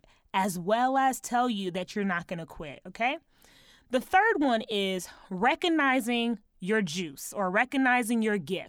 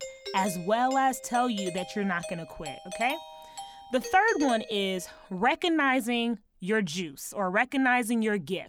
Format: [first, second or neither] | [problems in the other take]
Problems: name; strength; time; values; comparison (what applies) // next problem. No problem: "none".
first | doorbell; noticeable; until 5 s; peak 9 dB below the speech